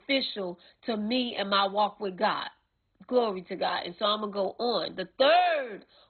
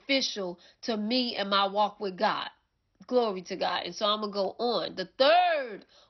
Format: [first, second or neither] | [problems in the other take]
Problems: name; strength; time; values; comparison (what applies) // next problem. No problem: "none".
second | garbled, watery; badly; nothing above 4 kHz; slightly in the second